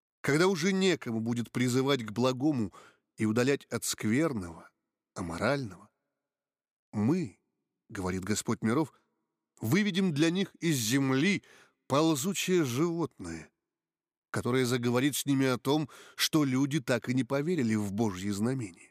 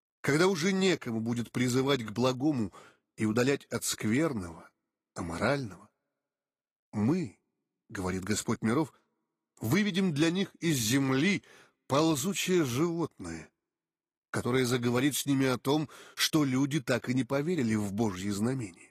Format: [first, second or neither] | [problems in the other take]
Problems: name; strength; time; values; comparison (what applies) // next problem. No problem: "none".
first | garbled, watery; slightly; nothing above 15 kHz